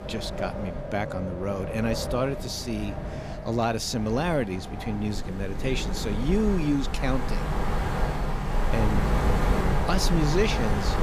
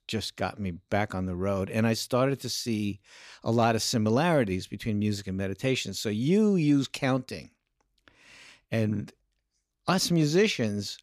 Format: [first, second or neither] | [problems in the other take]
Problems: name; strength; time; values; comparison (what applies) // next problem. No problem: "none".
second | wind in the background; loud; throughout; 2 dB below the speech